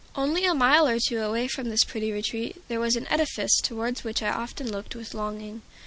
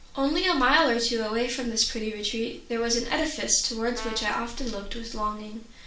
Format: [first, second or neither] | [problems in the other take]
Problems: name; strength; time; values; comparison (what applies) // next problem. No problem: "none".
first | background sound (Brass instrument); 16 dB below the speech // room echo; dies away in 0.4 s